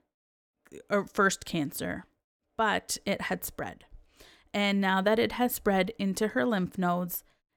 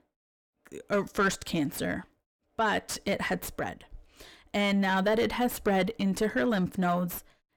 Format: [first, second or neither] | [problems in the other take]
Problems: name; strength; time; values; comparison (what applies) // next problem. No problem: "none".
first | distortion; slight; 9 dB below the speech